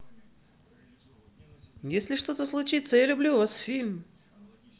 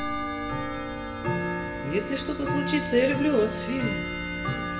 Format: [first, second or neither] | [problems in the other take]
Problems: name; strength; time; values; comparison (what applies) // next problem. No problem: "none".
first | background sound (Tick-tock / Bell); 1 dB below the speech // room echo; dies away in 1.6 s